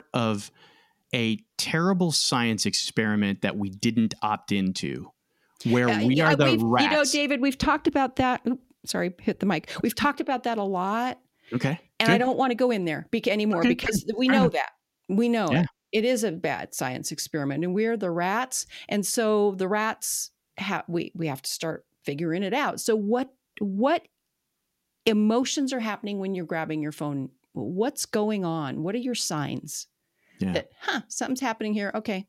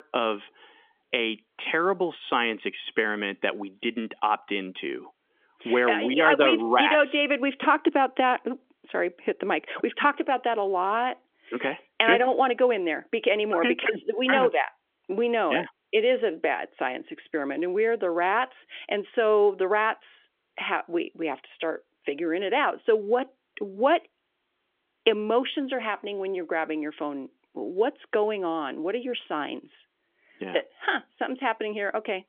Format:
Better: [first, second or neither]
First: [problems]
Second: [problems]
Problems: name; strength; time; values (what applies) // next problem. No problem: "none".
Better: first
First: none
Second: phone-call audio; nothing above 3.5 kHz